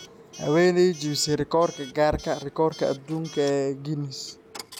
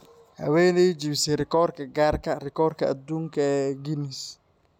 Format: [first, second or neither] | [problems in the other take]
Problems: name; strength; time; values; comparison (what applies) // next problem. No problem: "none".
second | background sound (Coin (dropping) / Alarm); 19 dB below the speech